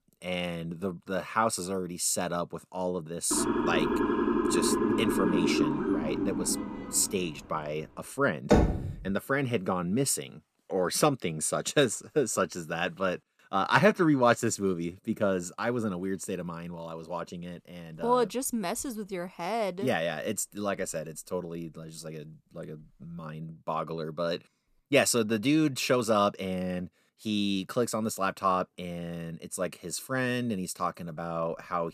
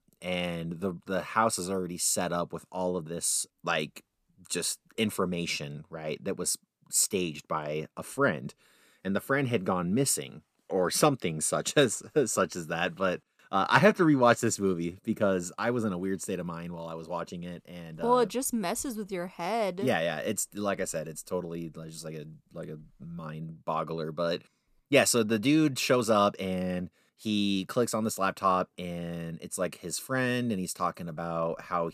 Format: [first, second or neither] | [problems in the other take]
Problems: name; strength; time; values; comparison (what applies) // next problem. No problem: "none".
second | siren; loud; from 3.5 to 7 s; peak 4 dB above the speech // door banging; loud; at 8.5 s; peak 6 dB above the speech